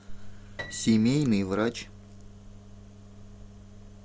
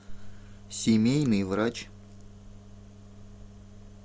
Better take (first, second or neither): second